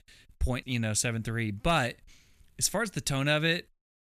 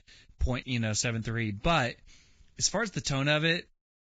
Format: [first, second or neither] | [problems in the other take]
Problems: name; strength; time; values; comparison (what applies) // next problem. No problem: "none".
first | garbled, watery; badly; nothing above 7.5 kHz